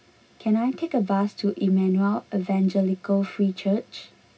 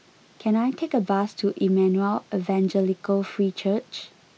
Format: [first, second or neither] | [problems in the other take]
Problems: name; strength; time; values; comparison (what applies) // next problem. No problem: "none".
second | room echo; dies away in 0.4 s